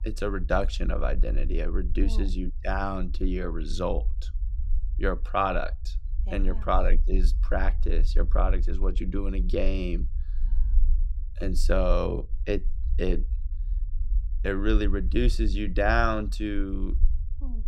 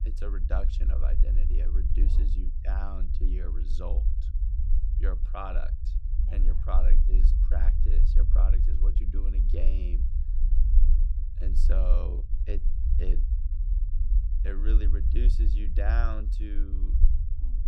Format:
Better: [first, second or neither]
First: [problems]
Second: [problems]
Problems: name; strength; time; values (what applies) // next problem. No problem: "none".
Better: first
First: low rumble; faint; throughout; 25 dB below the speech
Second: low rumble; loud; throughout; 7 dB below the speech